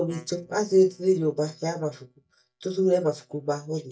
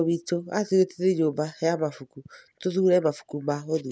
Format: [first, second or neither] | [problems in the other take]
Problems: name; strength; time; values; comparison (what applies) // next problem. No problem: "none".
second | noise reduction (neural mask model DeepFilterNet 3)